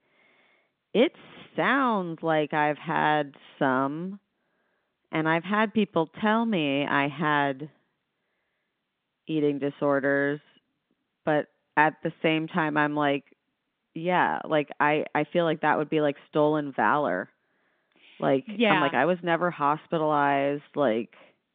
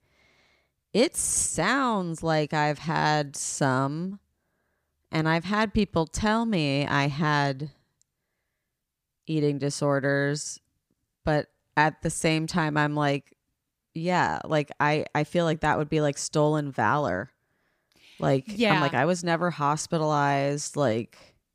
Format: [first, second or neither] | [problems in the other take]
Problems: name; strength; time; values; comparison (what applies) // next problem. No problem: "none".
second | phone-call audio